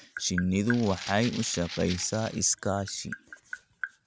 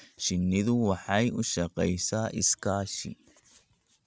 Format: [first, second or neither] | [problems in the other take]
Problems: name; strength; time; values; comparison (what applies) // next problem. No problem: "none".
second | background sound (Tap + Rattle (instrument)); 12 dB below the speech